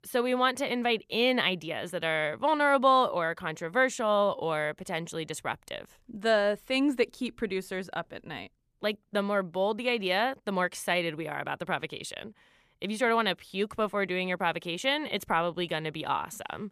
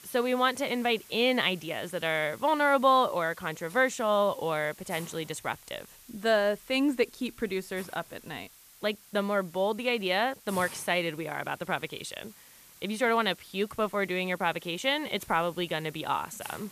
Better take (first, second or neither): first